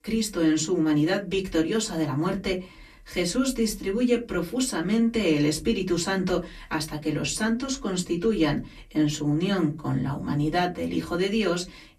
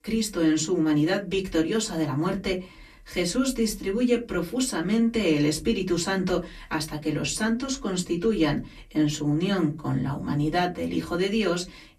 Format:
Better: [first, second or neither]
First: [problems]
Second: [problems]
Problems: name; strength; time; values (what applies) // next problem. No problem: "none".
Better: neither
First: off-mic speech; far // room echo; very slight; dies away in 0.2 s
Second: off-mic speech; far // room echo; very slight; dies away in 0.2 s